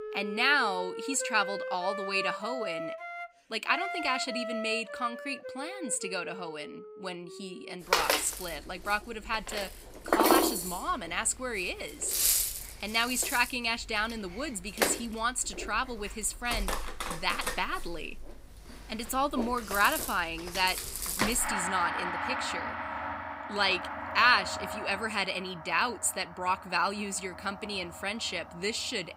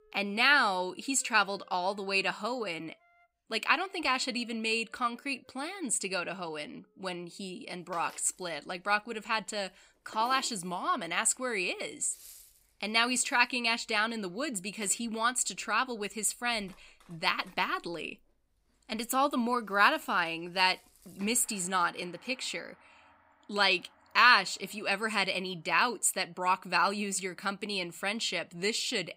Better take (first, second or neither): second